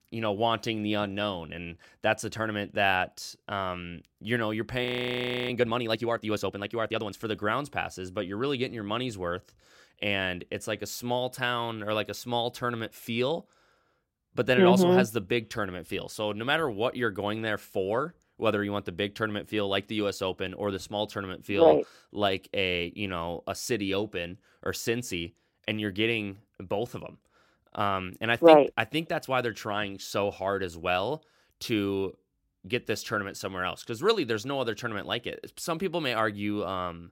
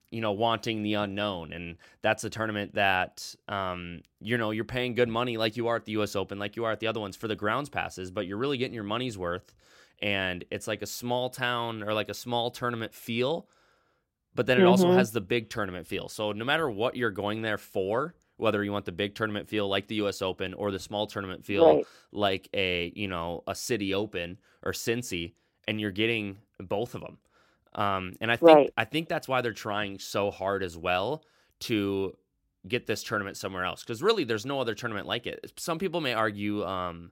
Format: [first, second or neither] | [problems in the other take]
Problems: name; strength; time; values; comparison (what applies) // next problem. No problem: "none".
second | audio freezing; at 5 s for 0.5 s